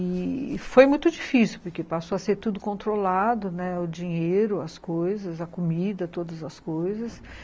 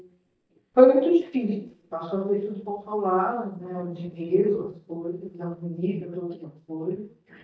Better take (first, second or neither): first